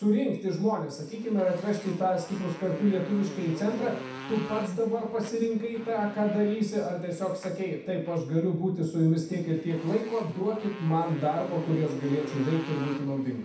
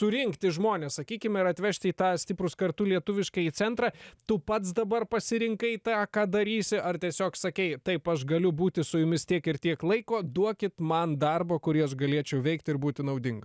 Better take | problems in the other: second | background sound (Motorcycle); 15 dB below the speech // room echo; dies away in 0.7 s

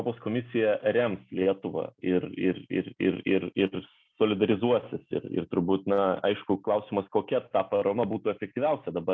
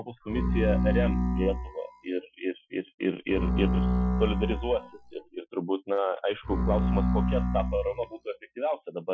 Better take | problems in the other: first | noise reduction (classical method Wiener filter)

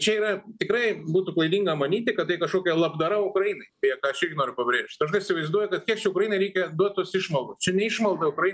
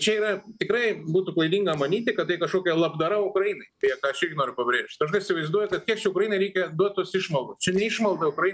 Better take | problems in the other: first | noise reduction (neural separator model SepFormer DNS4)

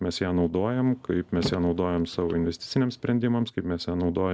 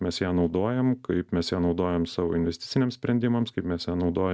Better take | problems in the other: second | background sound (Car); 15 dB below the speech

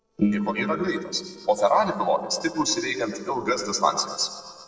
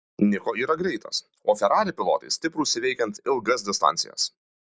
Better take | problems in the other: second | noise reduction (neural separator model SepFormer DNS4)

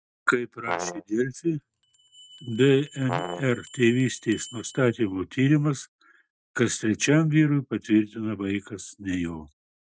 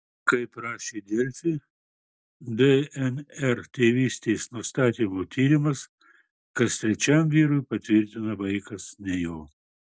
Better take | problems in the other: second | noise reduction (neural mask model RNNoise)

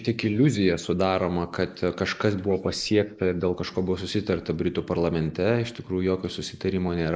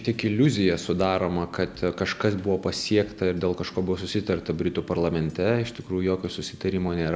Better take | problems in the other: second | noise reduction (neural mask model Resemble Enhance denoiser)

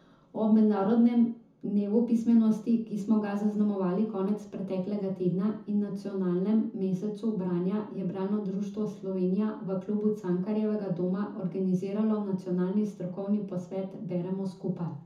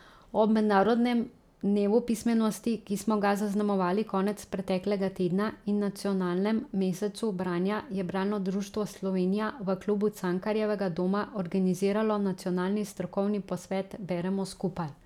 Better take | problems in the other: second | room echo; dies away in 0.7 s

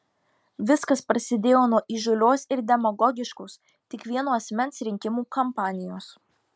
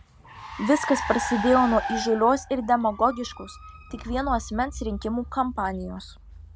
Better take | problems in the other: first | background sound (Car); 9 dB below the speech

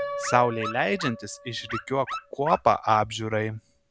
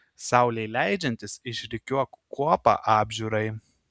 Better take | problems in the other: second | background sound (Piano + Dog); 10 dB below the speech

